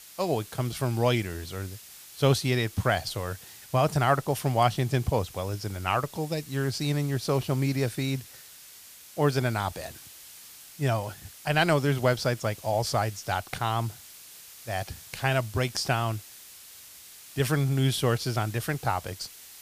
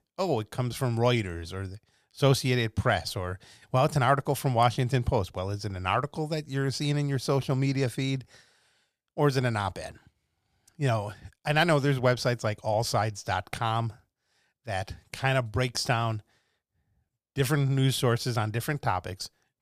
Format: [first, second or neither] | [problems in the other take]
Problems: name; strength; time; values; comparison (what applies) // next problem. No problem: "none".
second | hiss; noticeable; throughout; 15 dB below the speech